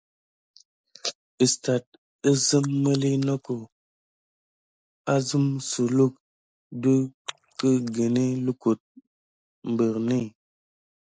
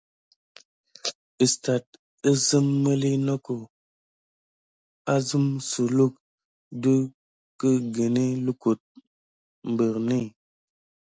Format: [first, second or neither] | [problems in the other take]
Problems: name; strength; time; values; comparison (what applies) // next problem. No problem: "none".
second | noise reduction (neural mask model Resemble Enhance denoiser)